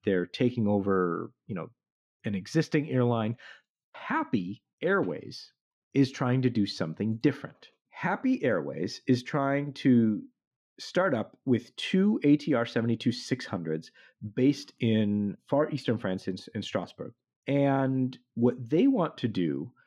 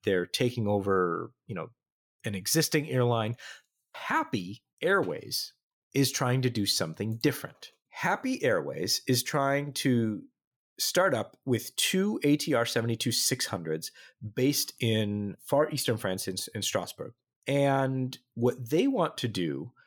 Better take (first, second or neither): second